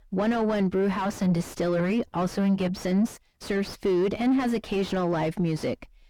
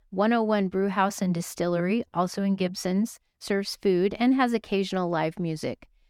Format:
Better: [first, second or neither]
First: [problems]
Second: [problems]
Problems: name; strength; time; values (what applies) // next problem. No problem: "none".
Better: second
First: distortion; heavy; 7 dB below the speech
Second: none